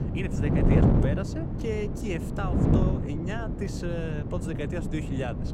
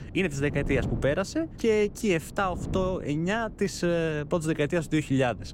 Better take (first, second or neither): second